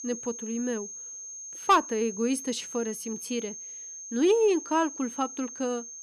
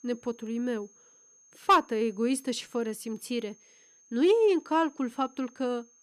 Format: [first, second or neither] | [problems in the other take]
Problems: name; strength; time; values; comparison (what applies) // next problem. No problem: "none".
second | high-pitched whine; loud; throughout; 6.5 kHz, 10 dB below the speech; faint in the second